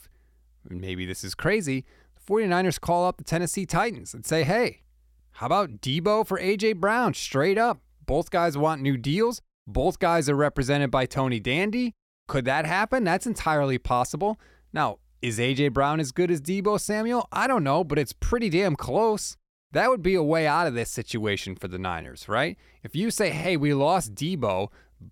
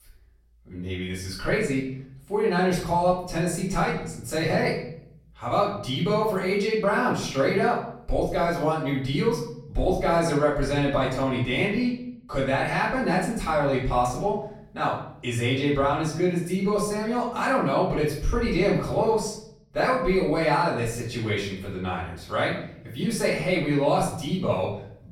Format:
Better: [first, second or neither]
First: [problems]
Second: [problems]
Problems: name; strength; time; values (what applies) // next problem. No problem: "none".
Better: first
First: none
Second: off-mic speech; far // room echo; noticeable; dies away in 0.6 s